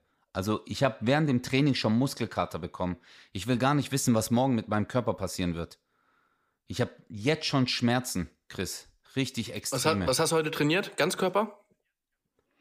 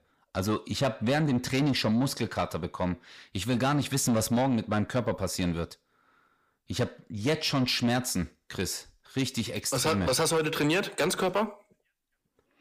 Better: first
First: none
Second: distortion; slight; 10 dB below the speech

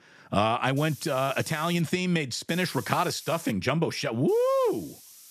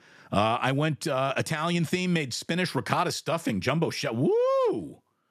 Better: second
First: hiss; noticeable; from 1 to 2 s, from 2.5 to 3.5 s and from 4.5 s on; 20 dB below the speech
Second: none

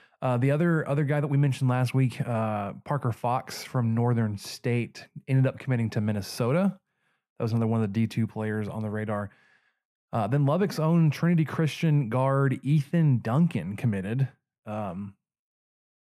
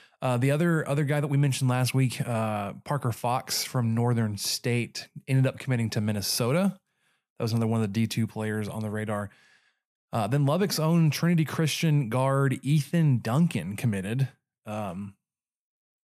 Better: second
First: muffled; slightly; fading above 3 kHz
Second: none

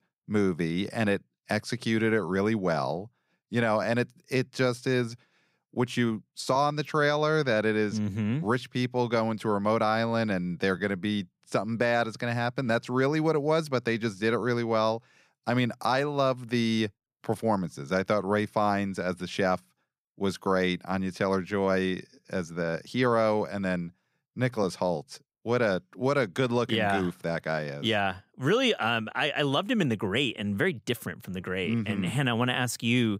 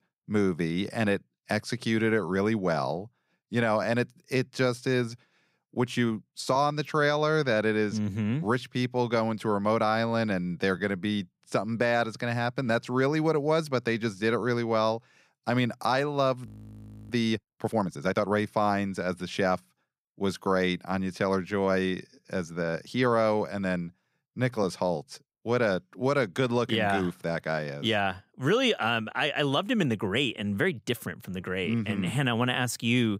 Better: first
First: none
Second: audio freezing; at 16 s for 0.5 s

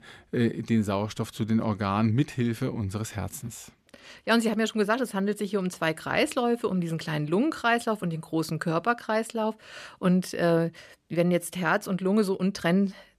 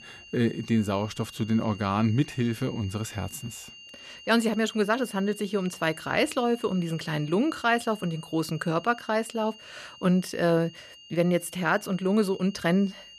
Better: first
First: none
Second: high-pitched whine; noticeable; throughout; 3 kHz, 20 dB below the speech

